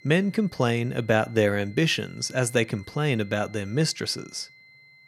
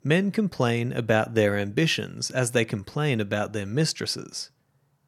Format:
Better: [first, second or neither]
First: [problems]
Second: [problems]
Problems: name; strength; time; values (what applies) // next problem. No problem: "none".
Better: second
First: high-pitched whine; faint; throughout; 2 kHz, 25 dB below the speech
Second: none